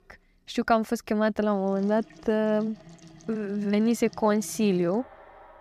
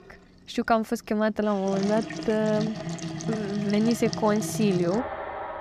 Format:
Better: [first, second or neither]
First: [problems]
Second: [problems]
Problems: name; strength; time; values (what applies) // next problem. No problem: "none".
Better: first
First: household noises; faint; throughout; 25 dB below the speech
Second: household noises; loud; throughout; 7 dB below the speech